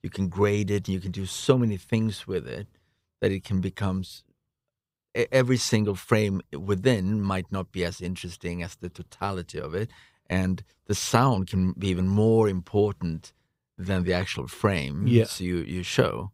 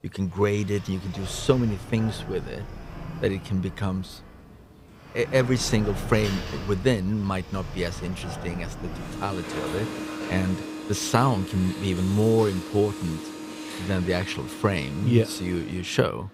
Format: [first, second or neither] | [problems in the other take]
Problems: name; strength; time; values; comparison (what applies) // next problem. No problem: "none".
first | household noises; loud; throughout; 10 dB below the speech